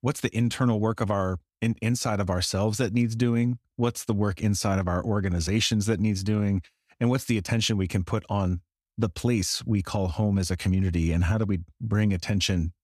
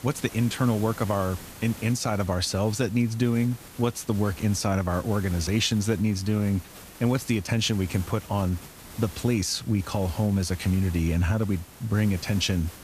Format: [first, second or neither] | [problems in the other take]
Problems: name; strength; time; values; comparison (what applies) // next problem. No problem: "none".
first | hiss; noticeable; throughout; 15 dB below the speech